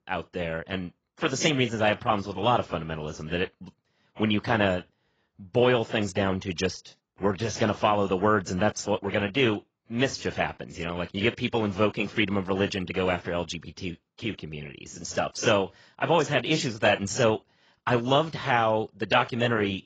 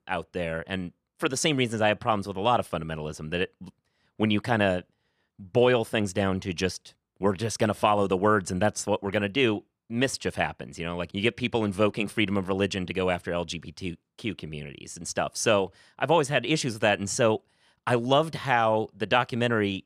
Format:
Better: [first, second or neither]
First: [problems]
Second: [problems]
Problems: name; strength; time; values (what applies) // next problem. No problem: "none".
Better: second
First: garbled, watery; badly; nothing above 7.5 kHz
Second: none